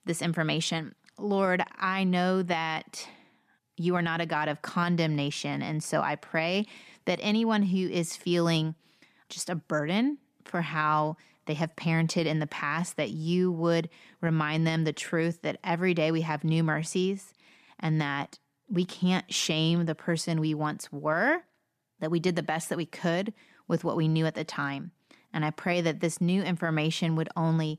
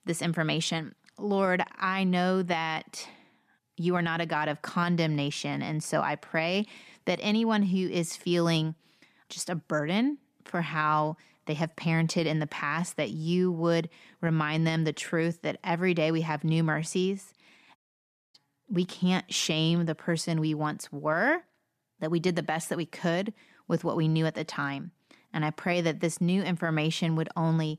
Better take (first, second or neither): first